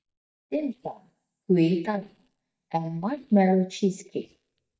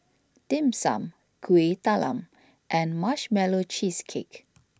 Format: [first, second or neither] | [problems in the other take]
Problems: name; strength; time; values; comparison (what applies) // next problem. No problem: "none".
second | noise reduction (neural mask model DeepFilterNet 3)